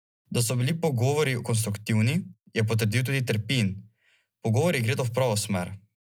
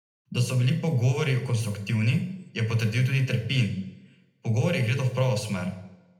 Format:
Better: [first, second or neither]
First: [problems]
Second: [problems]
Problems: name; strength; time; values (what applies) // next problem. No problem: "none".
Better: first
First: none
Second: room echo; dies away in 0.7 s